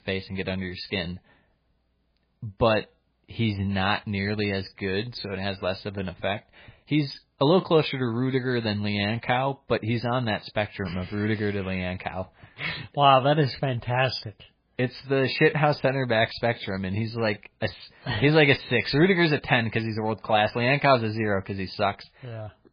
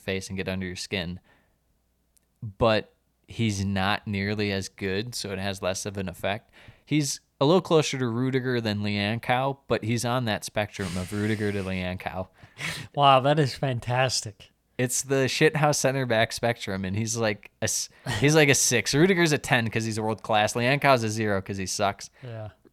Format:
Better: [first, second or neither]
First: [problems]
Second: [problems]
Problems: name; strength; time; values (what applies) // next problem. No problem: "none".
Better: second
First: garbled, watery; badly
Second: none